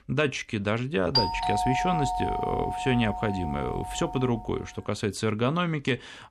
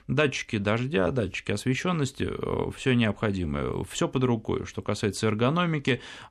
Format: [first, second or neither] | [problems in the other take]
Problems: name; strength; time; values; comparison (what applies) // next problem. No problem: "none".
second | doorbell; loud; from 1 to 4 s; peak 4 dB above the speech